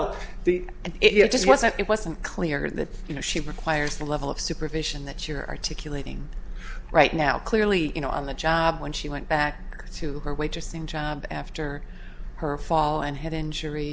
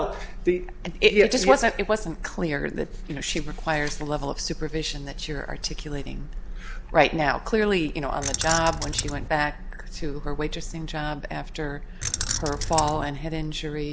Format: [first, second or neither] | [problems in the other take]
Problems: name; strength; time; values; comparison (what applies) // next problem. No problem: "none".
first | background sound (Keys jangling); 4 dB below the speech